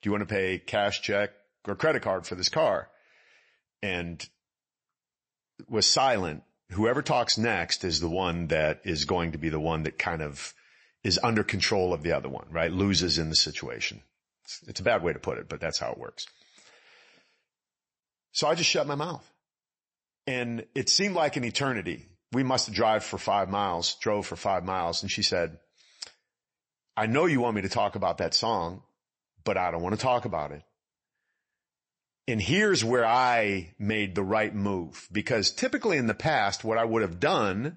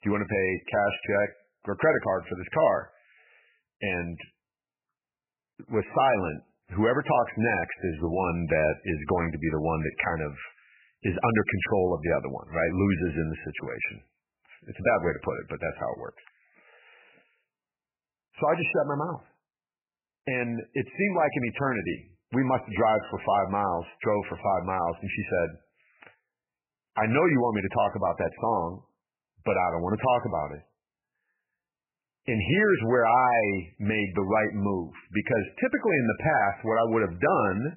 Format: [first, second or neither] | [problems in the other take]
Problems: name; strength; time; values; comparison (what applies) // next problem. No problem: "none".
first | garbled, watery; badly; nothing above 3 kHz; slightly in the first